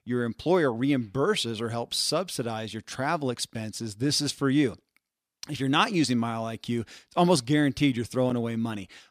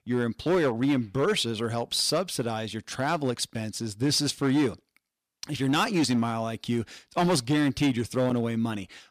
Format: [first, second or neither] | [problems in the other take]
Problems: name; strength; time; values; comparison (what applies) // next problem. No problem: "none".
first | distortion; slight; 6% of the sound clipped